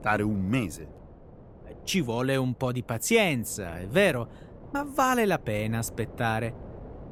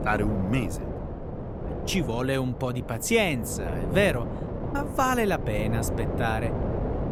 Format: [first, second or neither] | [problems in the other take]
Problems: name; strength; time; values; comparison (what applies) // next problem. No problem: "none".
first | wind noise on the microphone; heavy; 8 dB below the speech; occasional gusts in the first